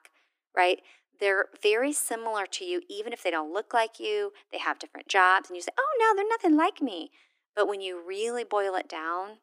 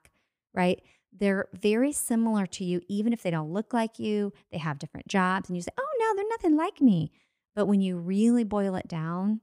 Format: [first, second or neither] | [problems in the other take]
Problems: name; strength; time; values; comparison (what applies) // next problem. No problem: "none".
second | thin; very; fading below 300 Hz